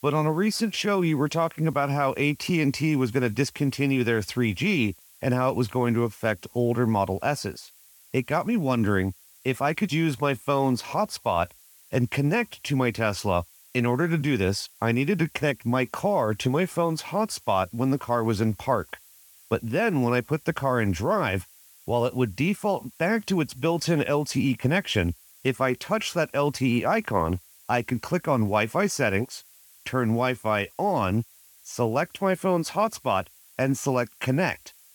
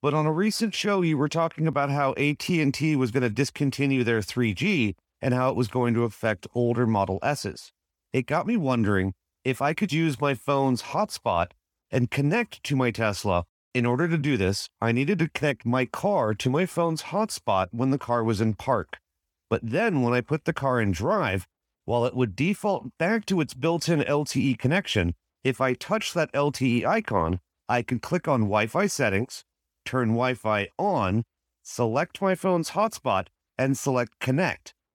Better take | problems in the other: second | hiss; faint; throughout; 25 dB below the speech

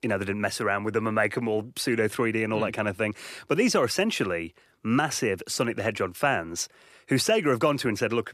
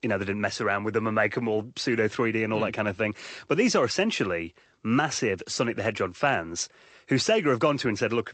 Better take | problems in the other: first | garbled, watery; slightly; nothing above 8 kHz

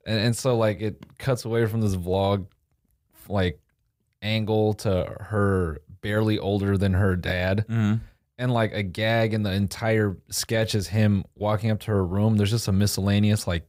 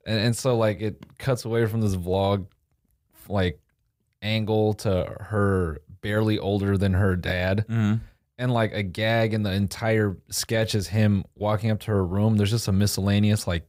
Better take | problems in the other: neither | none

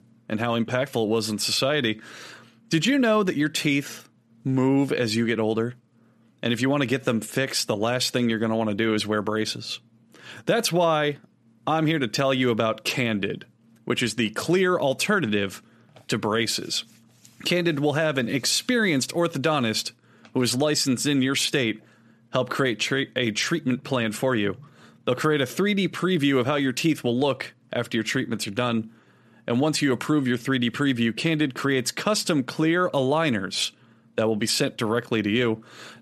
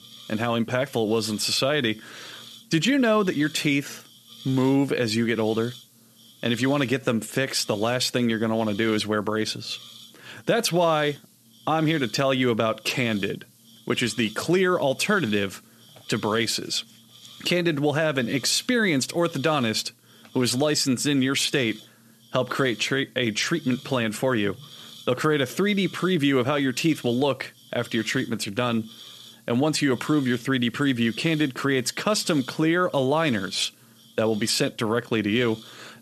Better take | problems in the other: first | hiss; faint; throughout; 20 dB below the speech

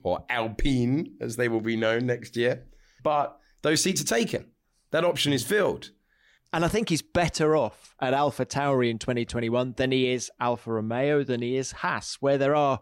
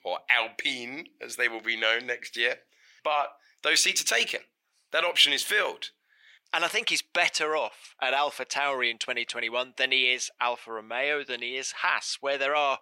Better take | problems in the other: first | thin; very; fading below 700 Hz

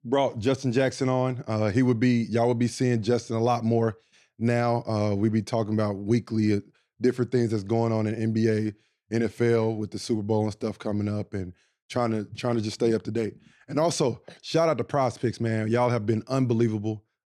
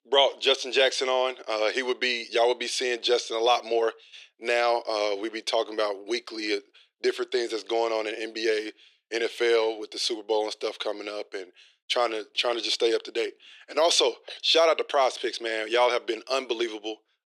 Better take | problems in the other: first | thin; very; fading below 400 Hz

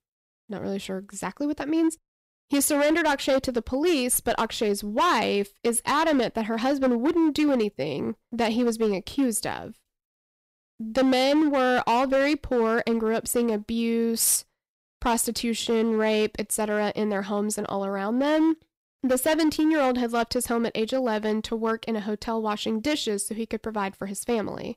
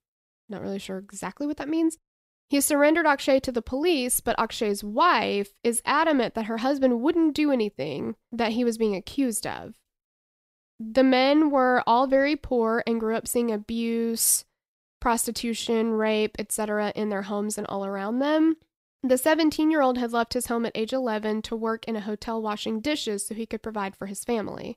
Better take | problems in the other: second | distortion; slight; 8% of the sound clipped

